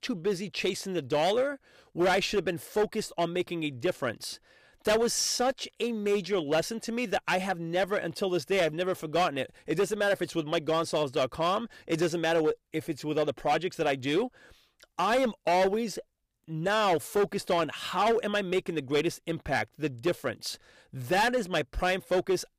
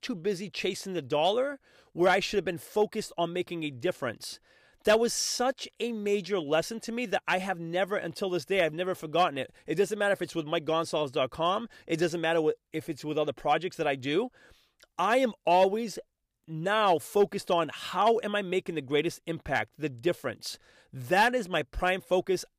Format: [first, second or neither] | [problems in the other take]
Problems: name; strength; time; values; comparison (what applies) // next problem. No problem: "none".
second | distortion; slight; 7% of the sound clipped